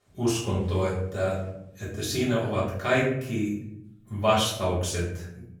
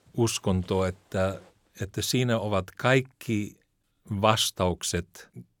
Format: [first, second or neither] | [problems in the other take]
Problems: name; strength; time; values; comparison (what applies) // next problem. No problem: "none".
second | room echo; noticeable; dies away in 0.8 s // off-mic speech; far